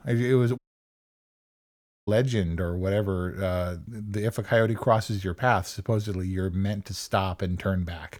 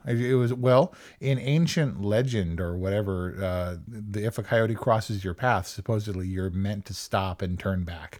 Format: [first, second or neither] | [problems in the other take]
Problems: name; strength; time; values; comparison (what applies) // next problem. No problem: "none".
second | audio cutting out; at 0.5 s for 1.5 s